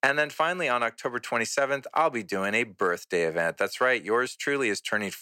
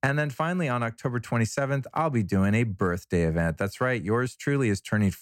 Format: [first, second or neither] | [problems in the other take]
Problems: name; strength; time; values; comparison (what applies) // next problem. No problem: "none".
second | thin; very; fading below 450 Hz